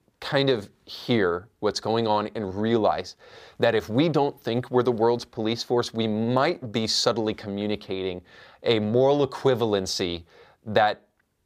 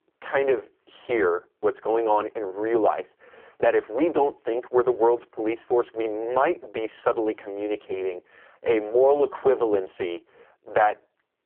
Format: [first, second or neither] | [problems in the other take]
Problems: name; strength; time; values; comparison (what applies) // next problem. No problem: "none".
first | phone-call audio; poor line